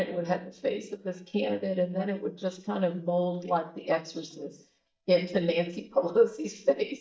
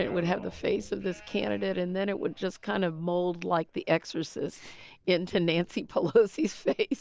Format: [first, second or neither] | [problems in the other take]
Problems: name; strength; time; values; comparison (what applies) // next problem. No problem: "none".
second | noise reduction (neural mask model DeepFilterNet 3)